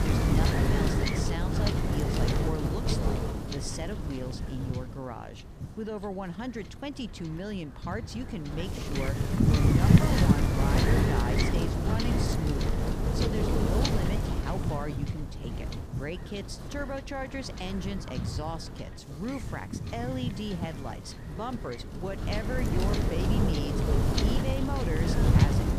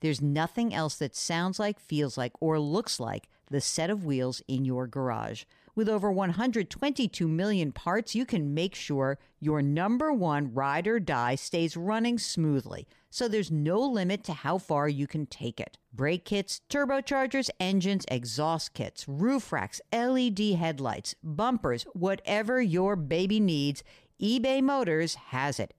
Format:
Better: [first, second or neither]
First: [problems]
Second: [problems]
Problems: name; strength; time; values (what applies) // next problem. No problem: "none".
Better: second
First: wind noise on the microphone; heavy; 4 dB above the speech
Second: none